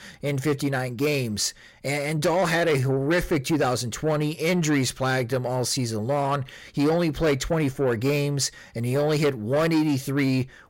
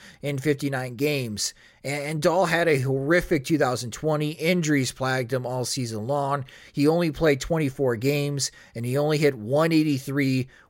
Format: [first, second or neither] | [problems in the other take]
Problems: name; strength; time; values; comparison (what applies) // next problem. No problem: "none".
second | distortion; slight; 10 dB below the speech